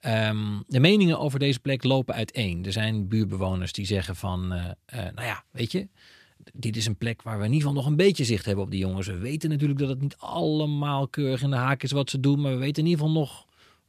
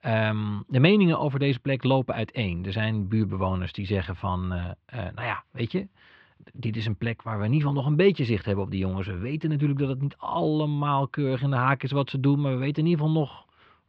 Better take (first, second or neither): first